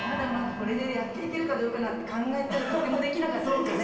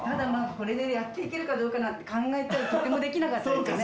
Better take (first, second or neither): second